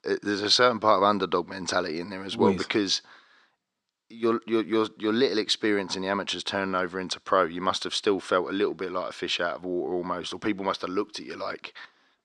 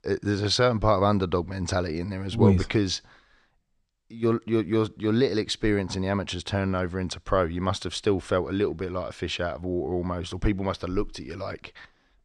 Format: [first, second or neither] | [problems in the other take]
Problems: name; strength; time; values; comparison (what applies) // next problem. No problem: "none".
second | thin; somewhat; fading below 300 Hz